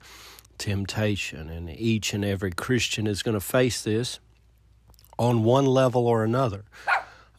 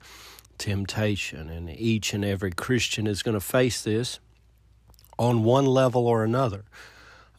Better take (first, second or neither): second